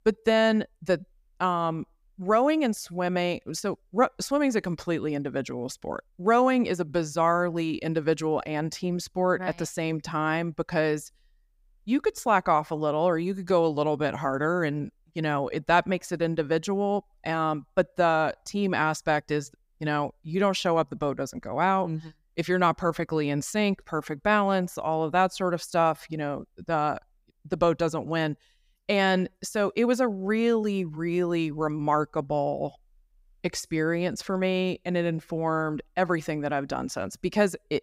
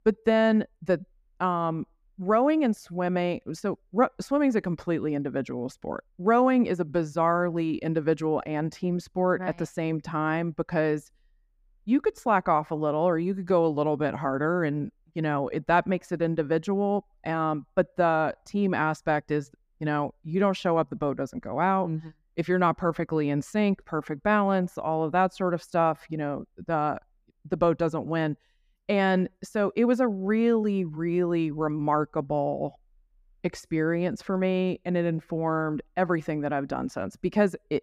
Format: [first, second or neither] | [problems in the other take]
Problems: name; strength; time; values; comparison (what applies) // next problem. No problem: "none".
first | muffled; slightly; fading above 3 kHz